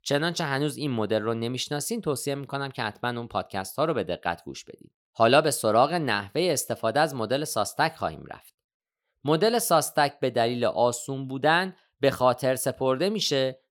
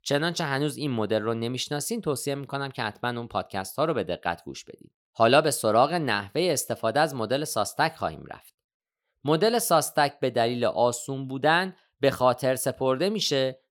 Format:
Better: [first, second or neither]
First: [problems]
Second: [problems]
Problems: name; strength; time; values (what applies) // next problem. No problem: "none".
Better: neither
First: none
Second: none